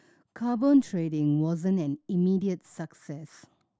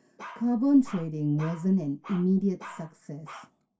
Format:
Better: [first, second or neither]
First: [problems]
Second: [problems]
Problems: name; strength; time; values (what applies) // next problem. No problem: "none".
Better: first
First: none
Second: background sound (Bark); 19 dB below the speech // room echo; dies away in 0.2 s